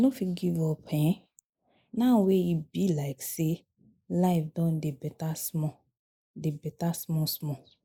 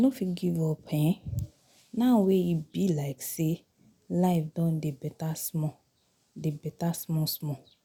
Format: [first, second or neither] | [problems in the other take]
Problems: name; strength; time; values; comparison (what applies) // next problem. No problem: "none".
second | noise reduction (neural mask model Resemble Enhance denoiser)